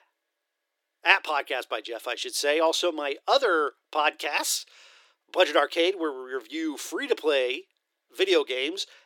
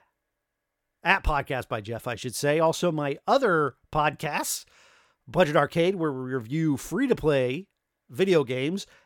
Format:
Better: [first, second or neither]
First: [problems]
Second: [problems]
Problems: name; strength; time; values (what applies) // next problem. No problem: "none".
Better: second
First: thin; very; fading below 300 Hz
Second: none